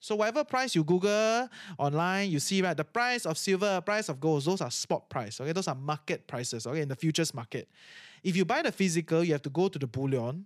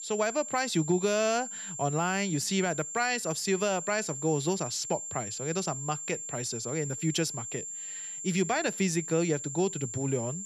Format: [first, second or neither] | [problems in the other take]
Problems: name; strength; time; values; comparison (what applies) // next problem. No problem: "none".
first | high-pitched whine; loud; throughout; 7.5 kHz, 6 dB below the speech